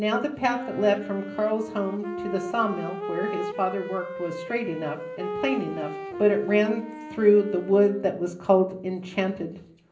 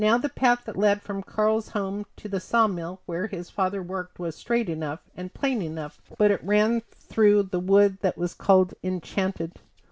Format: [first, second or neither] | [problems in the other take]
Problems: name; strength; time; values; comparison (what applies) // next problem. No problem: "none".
second | background sound (Wind instrument, woodwind instrument); 10 dB below the speech // room echo; dies away in 0.5 s